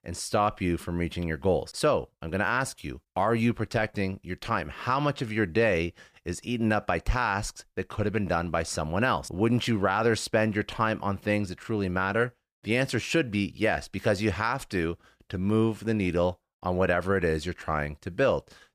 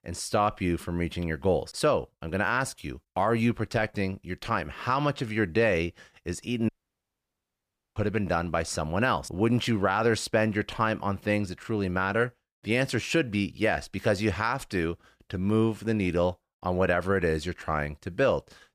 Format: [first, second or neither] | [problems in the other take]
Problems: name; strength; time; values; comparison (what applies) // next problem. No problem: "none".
first | audio cutting out; at 6.5 s for 1.5 s